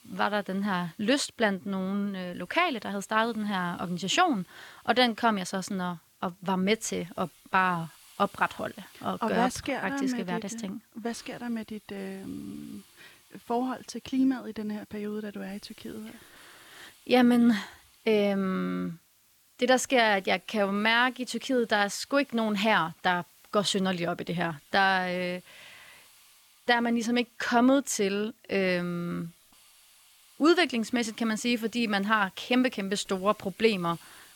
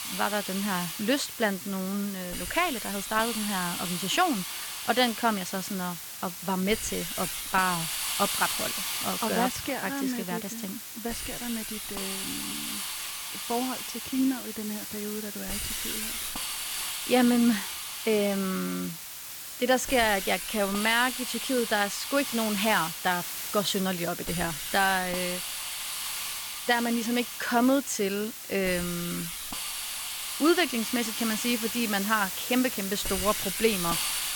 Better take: first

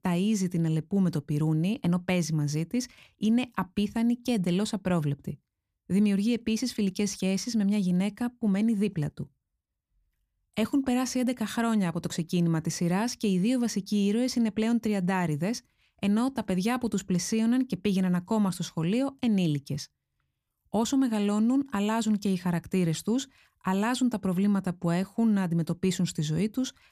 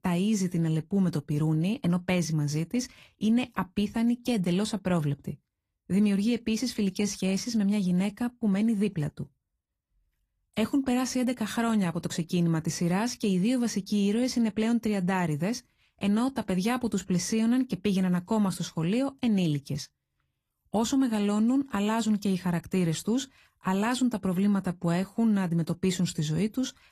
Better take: first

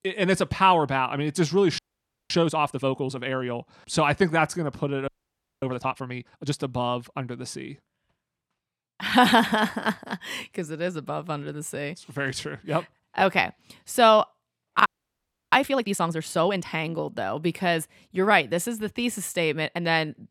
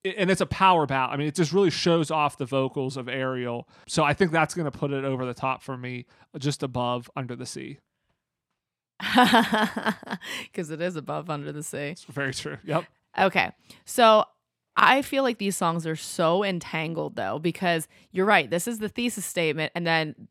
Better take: second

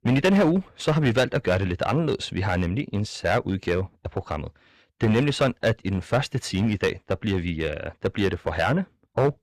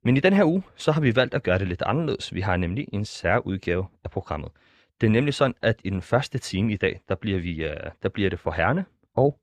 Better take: second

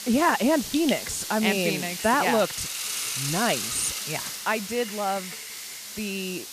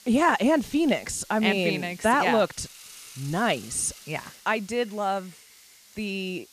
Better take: second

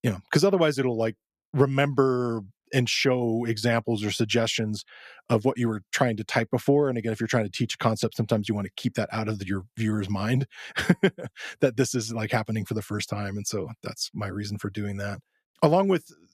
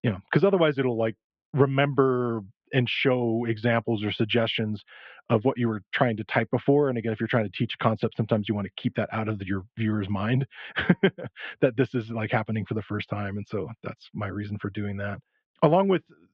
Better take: first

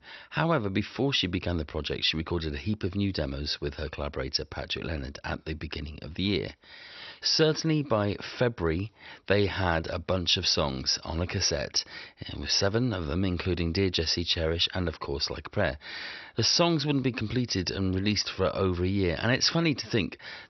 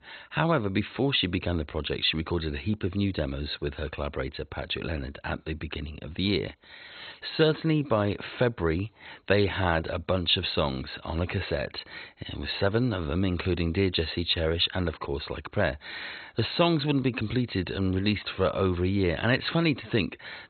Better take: first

